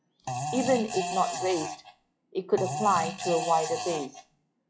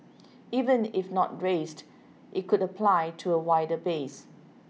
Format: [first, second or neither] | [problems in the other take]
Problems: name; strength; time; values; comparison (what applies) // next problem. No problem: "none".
second | noise reduction (classical method log-MMSE)